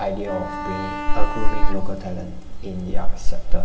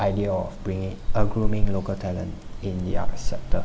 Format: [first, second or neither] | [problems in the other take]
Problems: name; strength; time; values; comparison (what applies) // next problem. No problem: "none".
second | background sound (Bowed string instrument); 15 dB below the speech // room echo; dies away in 0.7 s